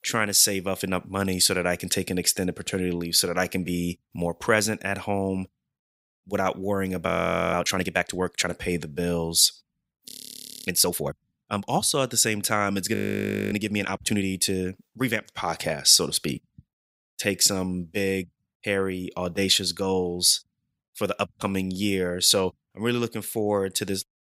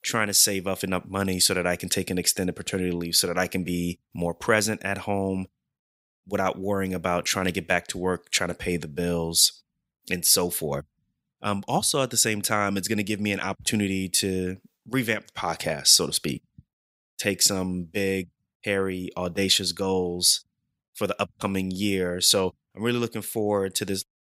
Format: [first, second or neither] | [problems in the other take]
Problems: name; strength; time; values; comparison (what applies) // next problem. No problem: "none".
second | audio freezing; at 7 s, at 10 s for 0.5 s and at 13 s for 0.5 s